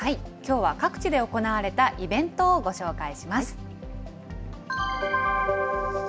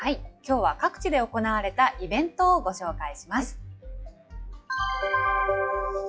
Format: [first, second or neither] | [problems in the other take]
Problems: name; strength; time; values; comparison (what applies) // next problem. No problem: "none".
first | noise reduction (classical method log-MMSE)